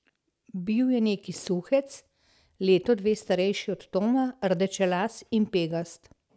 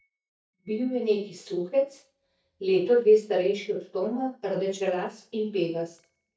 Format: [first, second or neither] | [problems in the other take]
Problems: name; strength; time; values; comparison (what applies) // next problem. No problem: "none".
first | noise reduction (neural mask model DeepFilterNet 3)